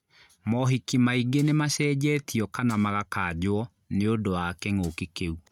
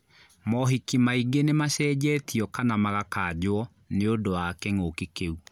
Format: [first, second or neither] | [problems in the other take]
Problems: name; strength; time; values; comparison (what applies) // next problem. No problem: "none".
second | noise reduction (neural mask model RNNoise)